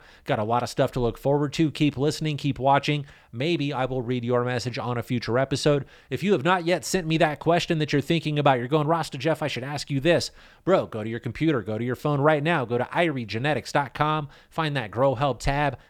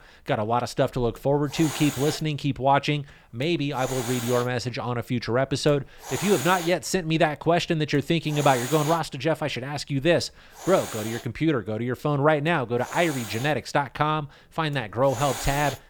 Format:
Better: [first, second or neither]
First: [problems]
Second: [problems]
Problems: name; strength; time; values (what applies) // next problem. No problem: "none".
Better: first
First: none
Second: hiss; loud; throughout; 10 dB below the speech